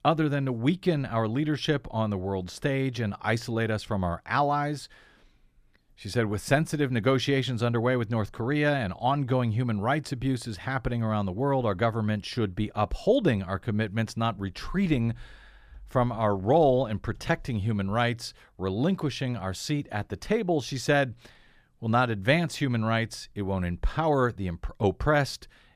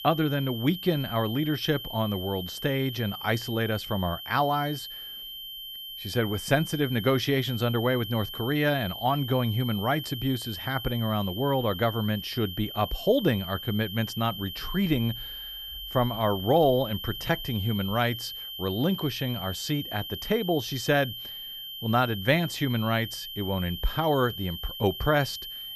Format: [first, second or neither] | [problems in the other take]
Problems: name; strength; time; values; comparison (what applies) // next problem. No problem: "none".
first | high-pitched whine; loud; throughout; 3 kHz, 8 dB below the speech